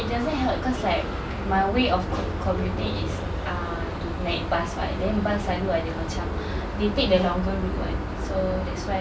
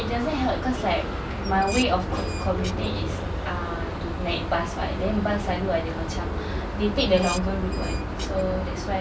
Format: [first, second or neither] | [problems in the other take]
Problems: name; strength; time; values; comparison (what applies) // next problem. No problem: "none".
first | background sound (Dishes, pots, and pans); 16 dB below the speech